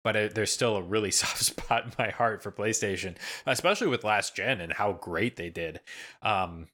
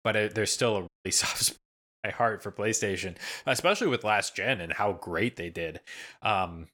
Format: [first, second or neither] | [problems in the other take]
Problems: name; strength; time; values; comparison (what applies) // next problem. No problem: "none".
first | audio cutting out; at 1 s and at 1.5 s